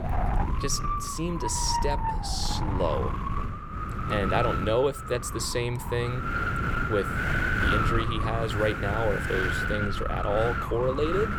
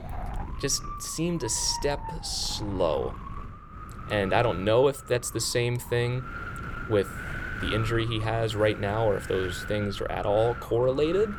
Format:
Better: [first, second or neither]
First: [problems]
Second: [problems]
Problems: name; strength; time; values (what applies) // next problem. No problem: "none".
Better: second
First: wind noise on the microphone; heavy; 1 dB above the speech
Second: wind noise on the microphone; occasional gusts; 10 dB below the speech